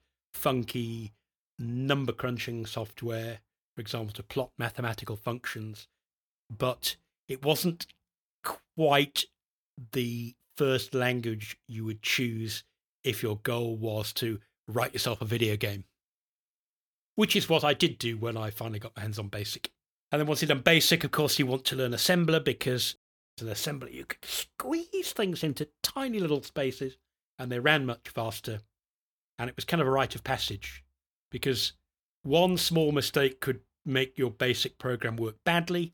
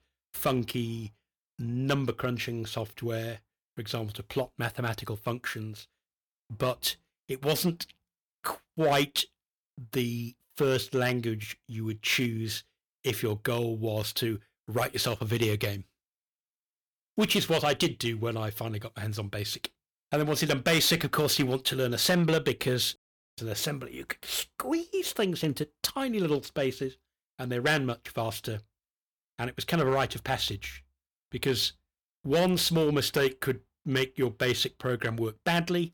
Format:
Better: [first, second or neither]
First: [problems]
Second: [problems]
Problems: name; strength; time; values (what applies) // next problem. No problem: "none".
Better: first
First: none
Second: distortion; slight; 2% of the sound clipped